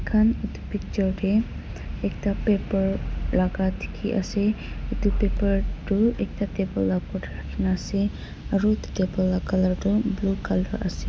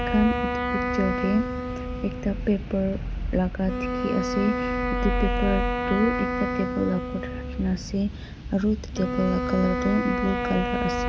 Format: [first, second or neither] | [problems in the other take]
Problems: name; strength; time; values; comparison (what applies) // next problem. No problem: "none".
first | background sound (Wind instrument, woodwind instrument); 3 dB below the speech